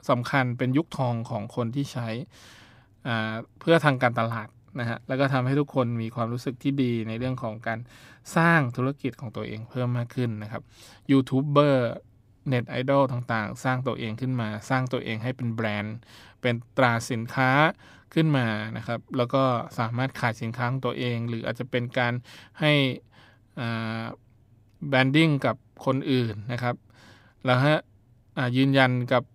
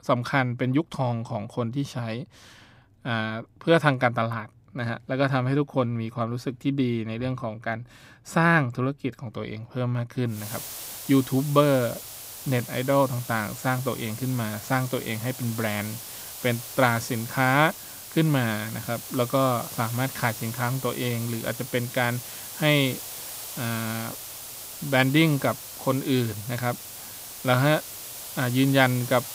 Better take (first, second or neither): first